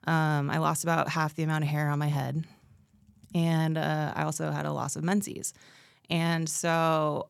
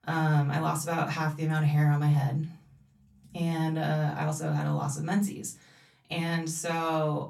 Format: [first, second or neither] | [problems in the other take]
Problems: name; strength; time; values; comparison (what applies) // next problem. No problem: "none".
first | off-mic speech; far // room echo; very slight; dies away in 0.2 s